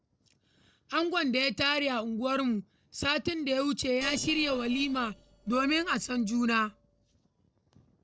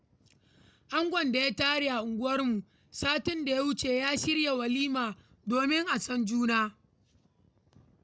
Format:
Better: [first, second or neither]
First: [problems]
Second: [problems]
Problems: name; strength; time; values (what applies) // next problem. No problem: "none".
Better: second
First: noise reduction (neural separator model SepFormer DNS4)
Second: none